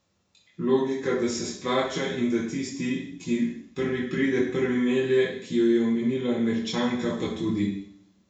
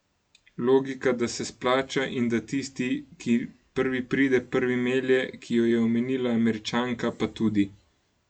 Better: second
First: room echo; dies away in 0.7 s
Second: none

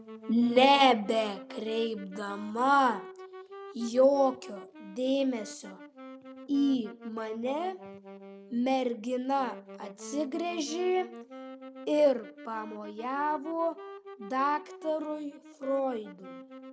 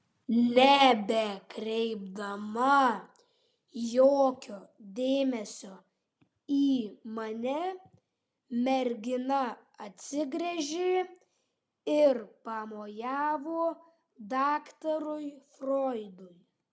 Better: second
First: background sound (Wind instrument, woodwind instrument); 16 dB below the speech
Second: none

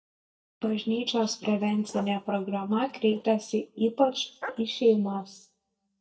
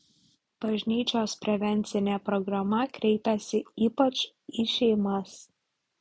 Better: second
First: noise reduction (neural mask model DeepFilterNet 3)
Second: none

